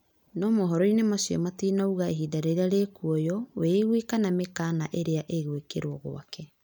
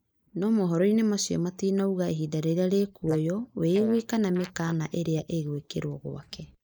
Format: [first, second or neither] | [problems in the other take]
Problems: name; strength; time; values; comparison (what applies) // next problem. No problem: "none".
first | noise reduction (neural mask model Resemble Enhance denoiser)